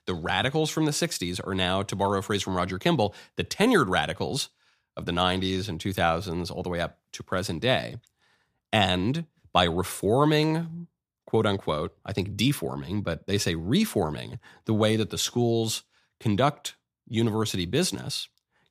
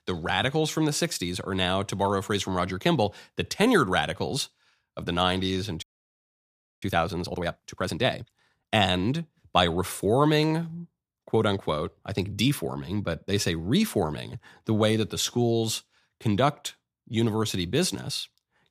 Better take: first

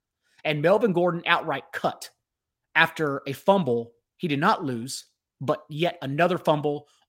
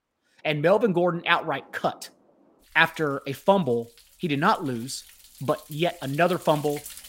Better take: first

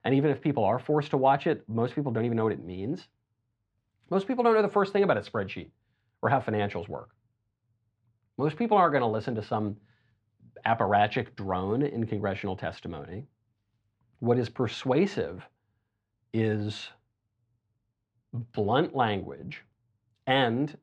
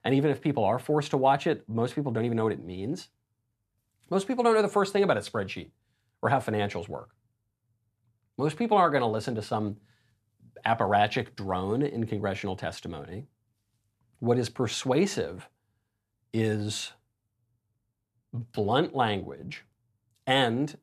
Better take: second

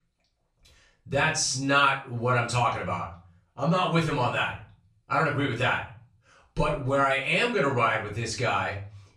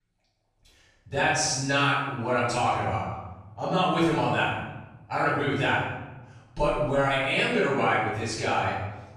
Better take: first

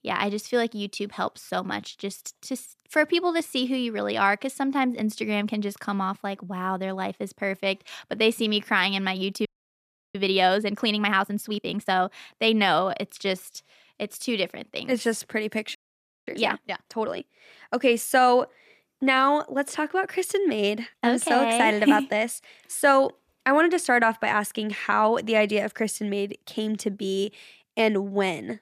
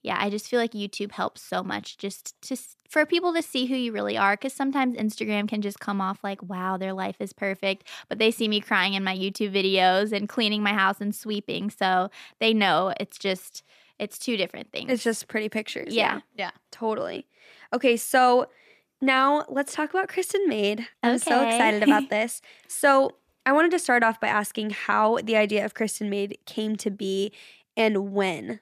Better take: second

